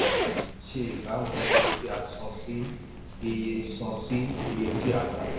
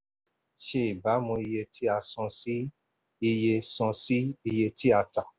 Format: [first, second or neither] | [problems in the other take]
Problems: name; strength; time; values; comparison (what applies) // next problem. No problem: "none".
second | background sound (Zipper (clothing)); 2 dB above the speech // room echo; dies away in 0.9 s